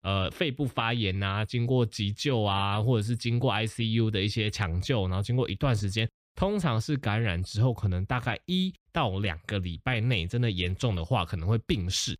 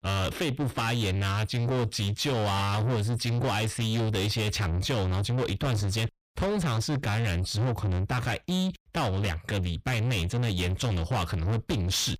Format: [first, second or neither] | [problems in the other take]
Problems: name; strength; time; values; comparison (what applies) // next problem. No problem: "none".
first | distortion; heavy; 7 dB below the speech